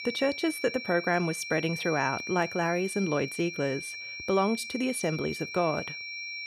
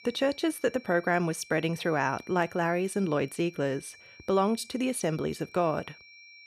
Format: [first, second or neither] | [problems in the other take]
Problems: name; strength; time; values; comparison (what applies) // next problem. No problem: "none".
second | high-pitched whine; loud; throughout; 2.5 kHz, 7 dB below the speech; faint in the second